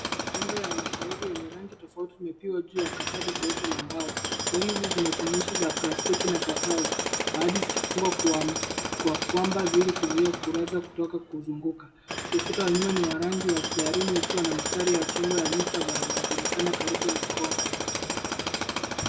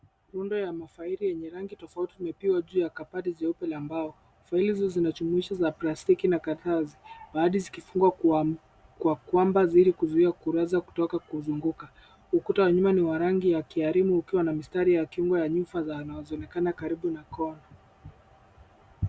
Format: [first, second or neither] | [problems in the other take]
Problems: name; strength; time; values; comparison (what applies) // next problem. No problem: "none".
second | background sound (Tools); 1 dB below the speech // room echo; dies away in 0.8 s